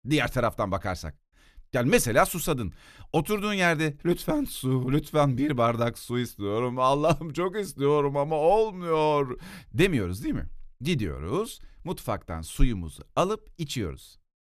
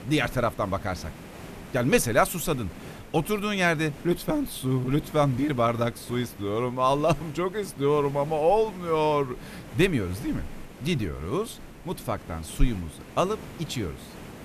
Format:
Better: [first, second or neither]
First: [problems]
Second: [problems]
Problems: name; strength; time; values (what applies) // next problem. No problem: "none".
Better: first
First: none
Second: hiss; noticeable; throughout; 15 dB below the speech